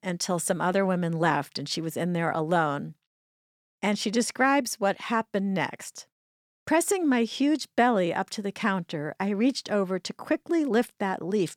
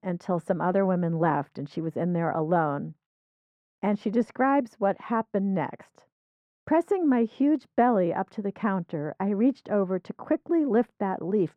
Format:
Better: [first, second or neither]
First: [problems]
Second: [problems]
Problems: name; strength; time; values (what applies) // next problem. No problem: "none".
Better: first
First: none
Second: muffled; very; fading above 2.5 kHz